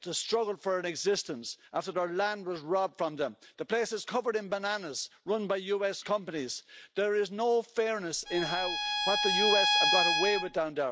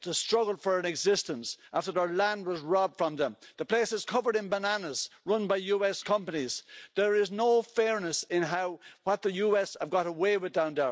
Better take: second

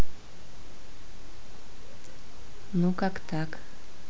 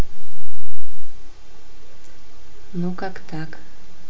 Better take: first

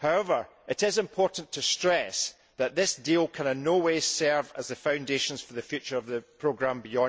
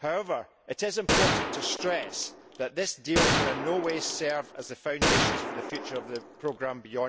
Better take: first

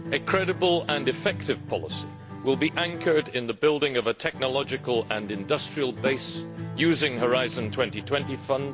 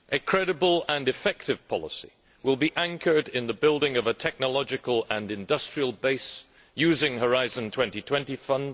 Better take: second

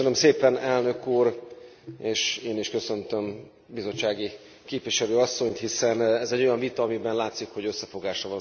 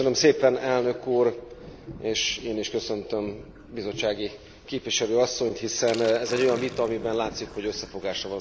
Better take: first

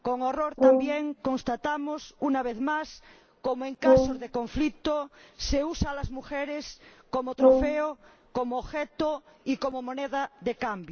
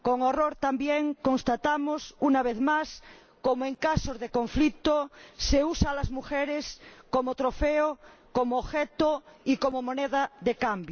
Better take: second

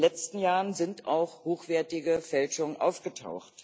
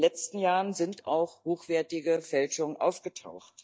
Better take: first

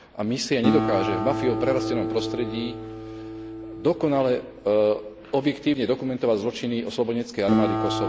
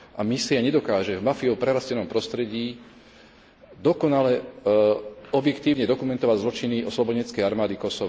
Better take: second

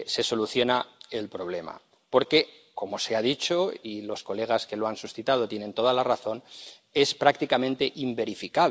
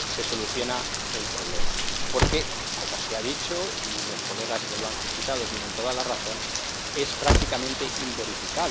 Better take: first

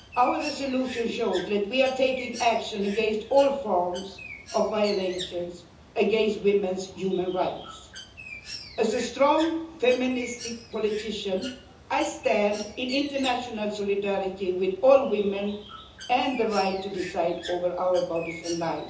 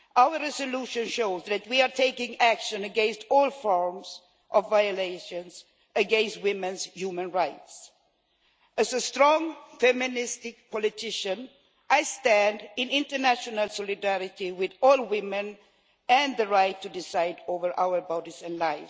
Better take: second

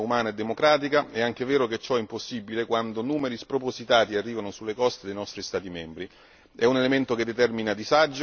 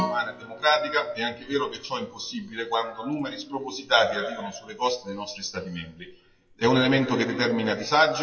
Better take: first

